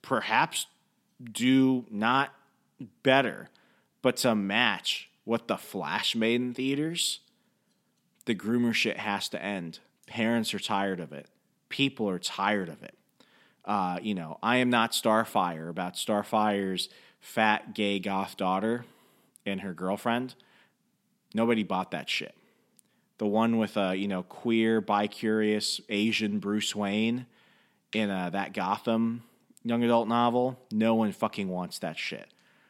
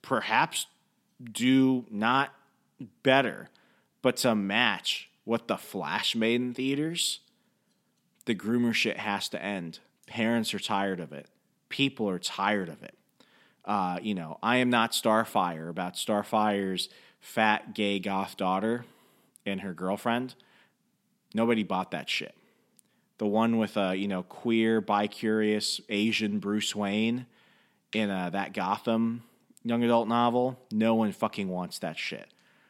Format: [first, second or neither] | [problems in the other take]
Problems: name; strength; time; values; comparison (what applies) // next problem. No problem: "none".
neither | none